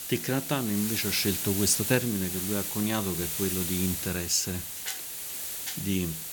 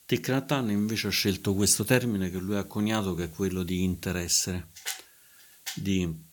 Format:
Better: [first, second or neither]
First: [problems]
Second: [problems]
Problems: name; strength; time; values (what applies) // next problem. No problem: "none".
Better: second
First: hiss; loud; throughout; 2 dB below the speech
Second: hiss; faint; throughout; 25 dB below the speech